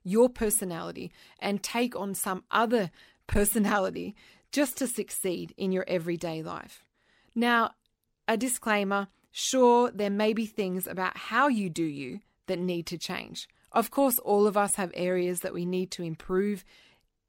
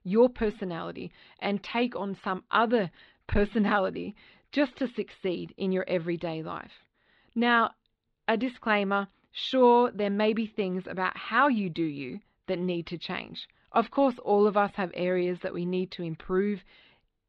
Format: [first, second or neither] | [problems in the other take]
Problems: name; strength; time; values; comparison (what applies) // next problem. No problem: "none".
first | muffled; slightly; fading above 4 kHz